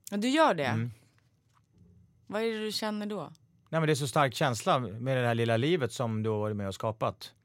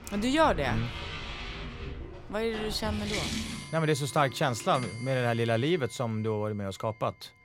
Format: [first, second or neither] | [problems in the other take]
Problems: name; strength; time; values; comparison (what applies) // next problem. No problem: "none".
first | household noises; loud; throughout; 9 dB below the speech